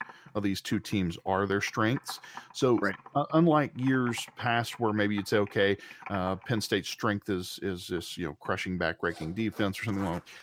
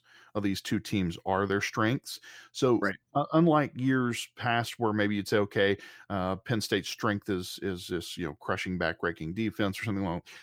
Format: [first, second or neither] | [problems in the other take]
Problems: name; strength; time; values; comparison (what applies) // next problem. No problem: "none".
second | household noises; noticeable; throughout; 20 dB below the speech